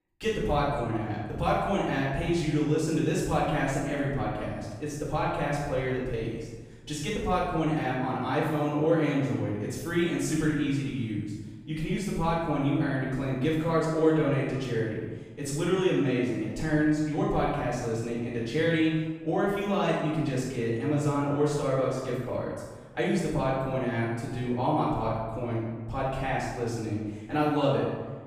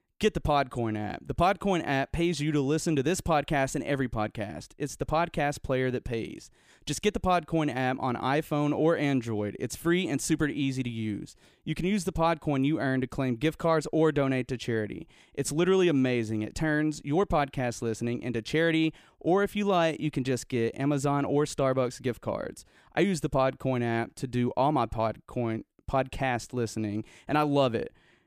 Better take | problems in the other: second | off-mic speech; far // room echo; strong; dies away in 1.1 s

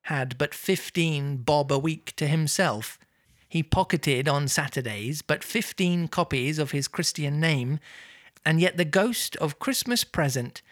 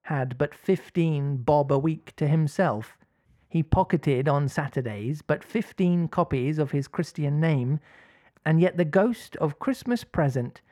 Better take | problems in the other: first | muffled; very; fading above 2 kHz

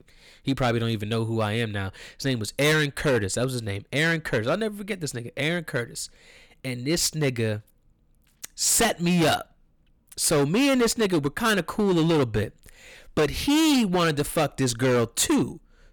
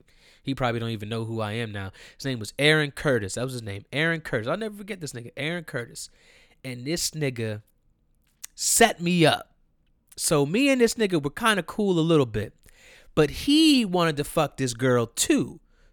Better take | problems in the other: second | distortion; heavy; 10% of the sound clipped

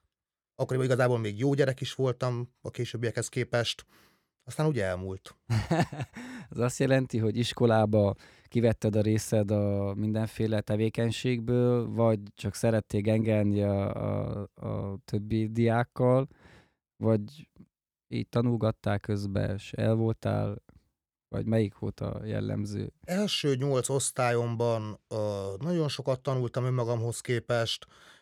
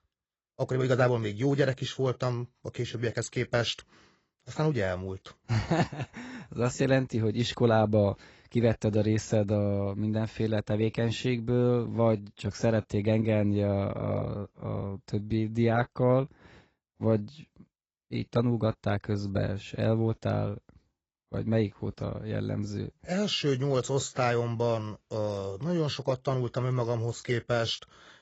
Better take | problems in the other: first | garbled, watery; badly; nothing above 8 kHz

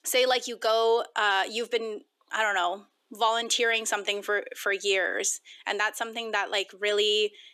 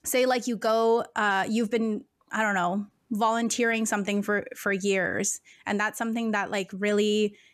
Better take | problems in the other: second | thin; very; fading below 350 Hz

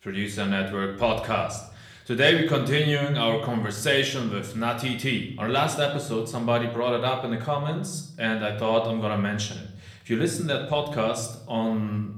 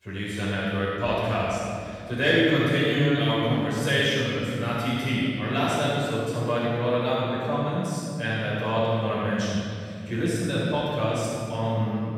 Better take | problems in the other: first | room echo; strong; dies away in 2.7 s; slight in the first // off-mic speech; far; somewhat distant in the first

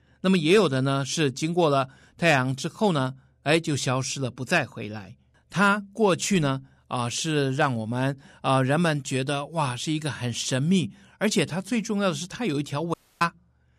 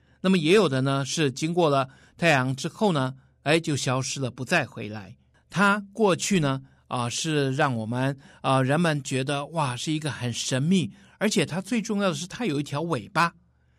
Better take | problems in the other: second | audio cutting out; at 13 s

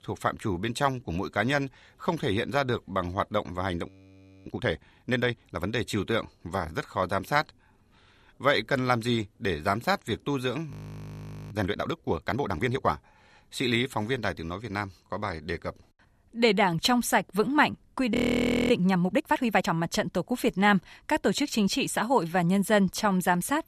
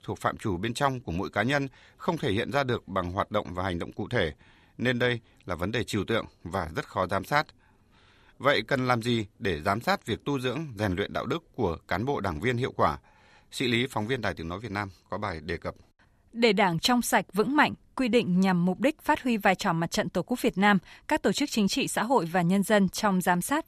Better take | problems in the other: second | audio freezing; at 4 s for 0.5 s, at 11 s for 1 s and at 18 s for 0.5 s

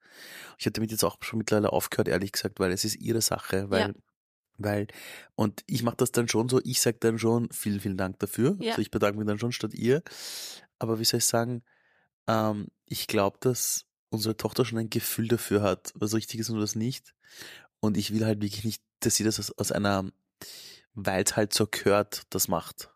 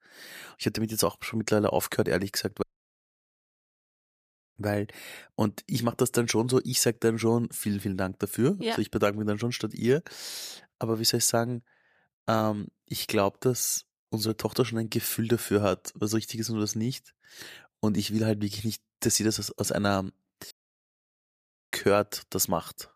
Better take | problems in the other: first | audio cutting out; at 2.5 s for 2 s and at 21 s for 1 s

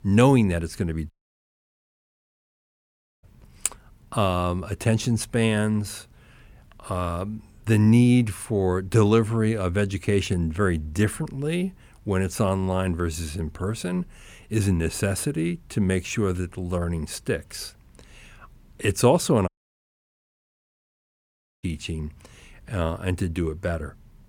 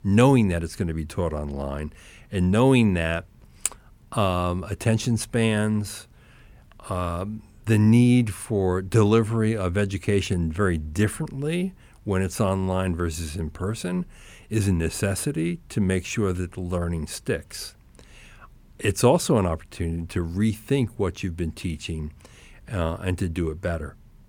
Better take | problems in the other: second | audio cutting out; at 1 s for 2 s and at 19 s for 2 s

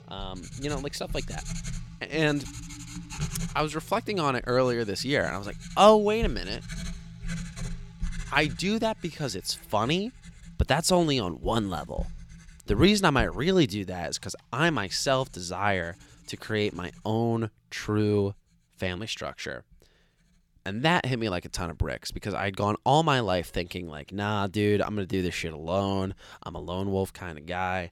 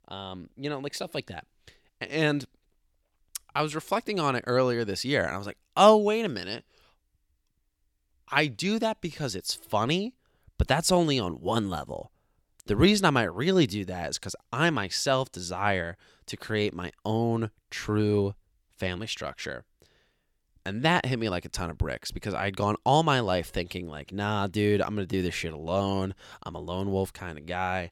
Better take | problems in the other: second | household noises; noticeable; throughout; 15 dB below the speech

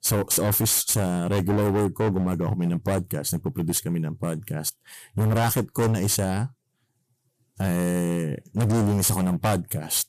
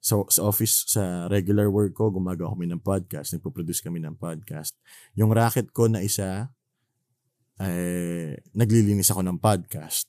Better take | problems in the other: second | distortion; heavy; 17% of the sound clipped

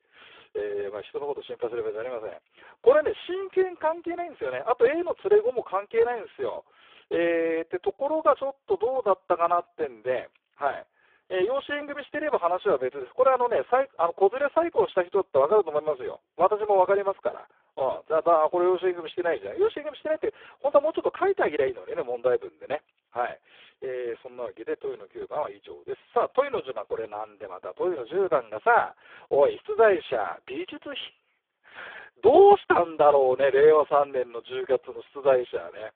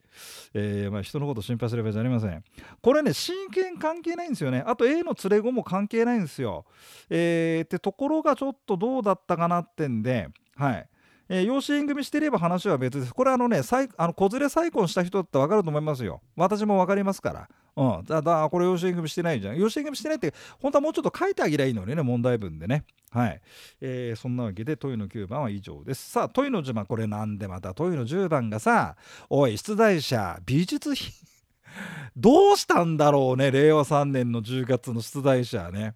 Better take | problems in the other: second | phone-call audio; poor line

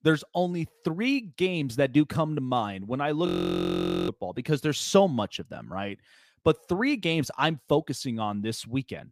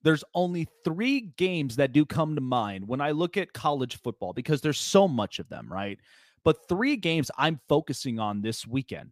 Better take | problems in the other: second | audio freezing; at 3.5 s for 1 s

